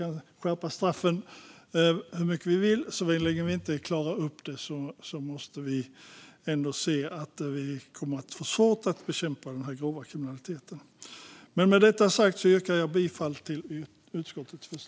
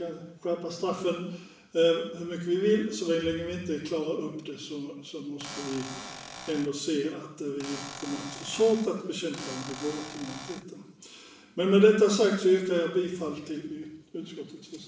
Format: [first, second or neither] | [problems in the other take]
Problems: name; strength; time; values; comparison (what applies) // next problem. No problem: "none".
first | background sound (Cupboard open or close / Door); 13 dB below the speech // room echo; dies away in 0.7 s